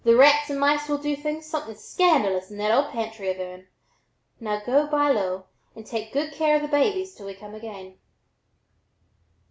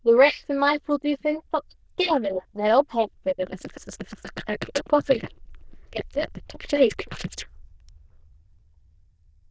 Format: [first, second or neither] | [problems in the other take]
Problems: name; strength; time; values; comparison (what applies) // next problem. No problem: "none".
first | noise reduction (neural diffusion model UNIVERSE++)